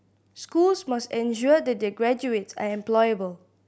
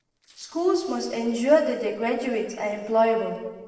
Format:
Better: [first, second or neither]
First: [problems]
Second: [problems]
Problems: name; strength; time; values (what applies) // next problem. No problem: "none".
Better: first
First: none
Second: noise reduction (neural separator model SepFormer DNS4)